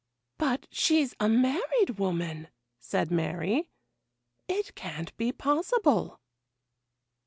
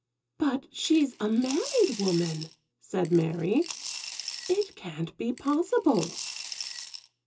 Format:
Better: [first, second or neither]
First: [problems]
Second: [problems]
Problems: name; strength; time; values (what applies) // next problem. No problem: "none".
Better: first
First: none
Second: background sound (Coin (dropping) / Glass); 12 dB below the speech // room echo; dies away in 0.2 s